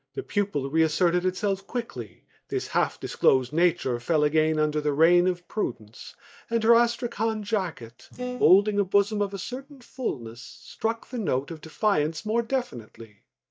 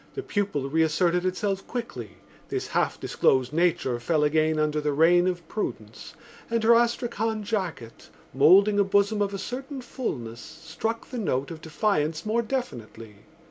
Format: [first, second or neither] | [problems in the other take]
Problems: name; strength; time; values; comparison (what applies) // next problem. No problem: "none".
second | noise reduction (neural mask model DeepFilterNet 3)